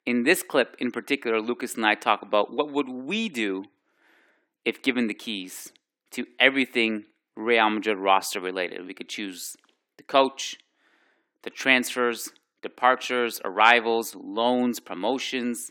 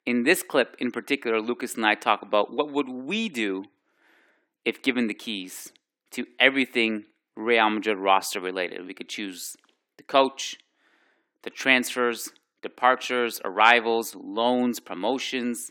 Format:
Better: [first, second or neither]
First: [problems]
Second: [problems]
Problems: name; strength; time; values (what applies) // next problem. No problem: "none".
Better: neither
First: thin; somewhat; fading below 300 Hz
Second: thin; somewhat; fading below 300 Hz